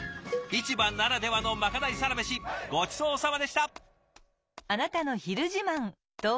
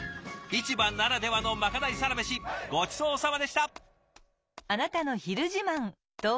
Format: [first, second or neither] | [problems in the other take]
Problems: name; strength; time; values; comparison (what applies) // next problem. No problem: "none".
second | background sound (Cowbell); 11 dB below the speech